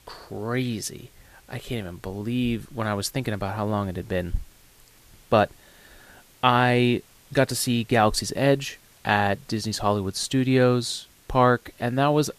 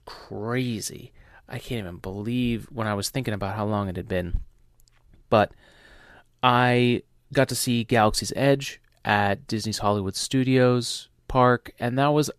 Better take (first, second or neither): second